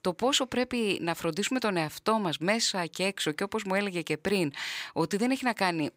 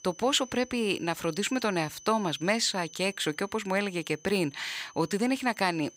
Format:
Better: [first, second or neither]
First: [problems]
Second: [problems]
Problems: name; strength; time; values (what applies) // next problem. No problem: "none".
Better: first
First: none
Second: high-pitched whine; faint; throughout; 6 kHz, 20 dB below the speech